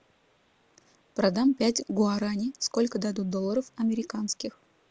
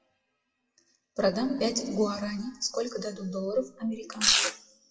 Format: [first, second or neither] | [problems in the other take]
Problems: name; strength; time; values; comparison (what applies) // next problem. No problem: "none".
first | noise reduction (classical method WPE with log-MMSE)